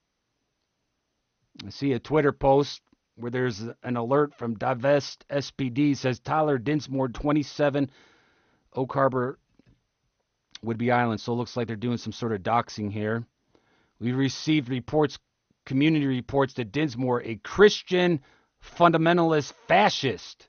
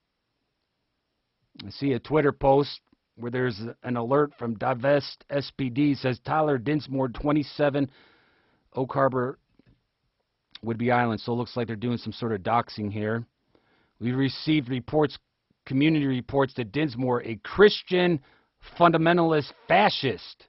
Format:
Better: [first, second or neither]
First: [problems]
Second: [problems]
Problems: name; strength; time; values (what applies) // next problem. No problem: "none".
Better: first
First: garbled, watery; slightly; nothing above 6.5 kHz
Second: garbled, watery; badly; nothing above 5.5 kHz